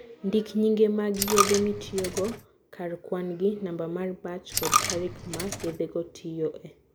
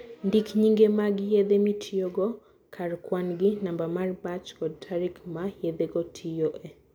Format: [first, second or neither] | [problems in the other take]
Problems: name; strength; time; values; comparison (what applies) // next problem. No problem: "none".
second | background sound (Coin (dropping)); 4 dB below the speech